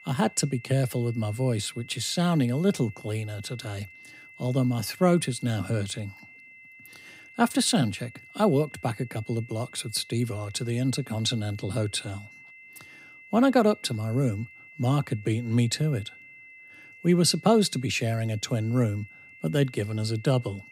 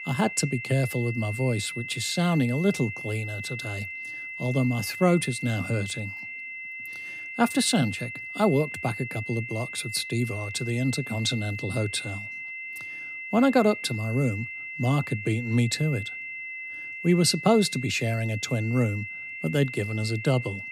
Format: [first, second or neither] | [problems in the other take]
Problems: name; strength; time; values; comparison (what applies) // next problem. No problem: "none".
first | high-pitched whine; loud; throughout; 2 kHz, 8 dB below the speech; faint in the first